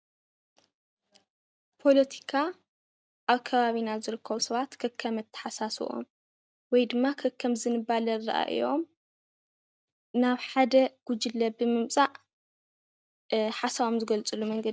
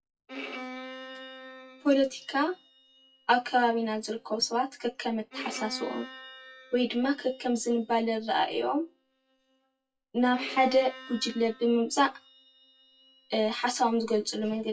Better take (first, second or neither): first